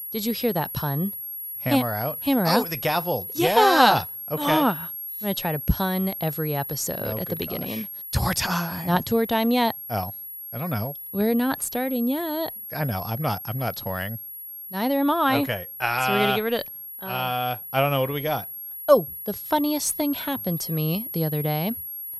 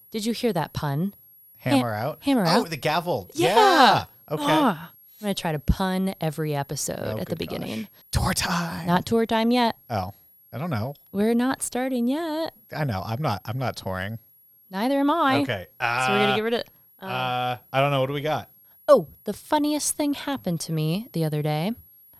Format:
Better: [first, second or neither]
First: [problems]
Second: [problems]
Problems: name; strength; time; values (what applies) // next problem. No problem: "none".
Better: second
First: high-pitched whine; loud; throughout; 11.5 kHz, 8 dB below the speech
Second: high-pitched whine; faint; throughout; 11.5 kHz, 25 dB below the speech